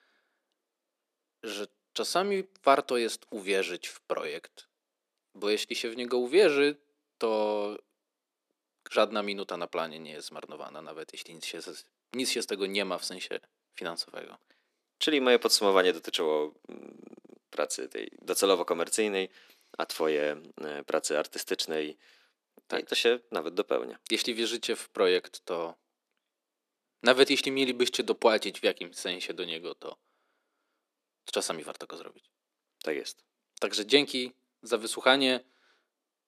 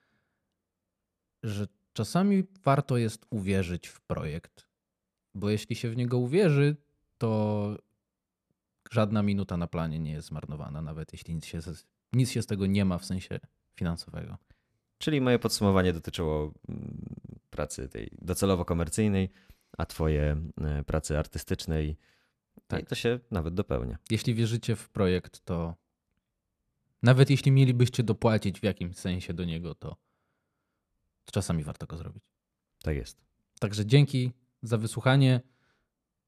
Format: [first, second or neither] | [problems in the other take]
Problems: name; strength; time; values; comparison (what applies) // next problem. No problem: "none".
second | thin; very; fading below 300 Hz